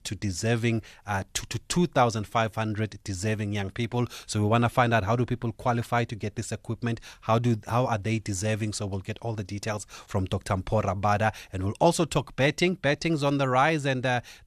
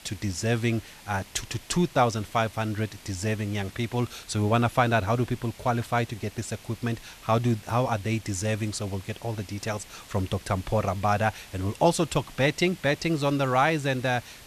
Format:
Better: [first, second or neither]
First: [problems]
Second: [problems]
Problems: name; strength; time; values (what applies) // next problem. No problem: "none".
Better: first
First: none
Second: hiss; noticeable; throughout; 20 dB below the speech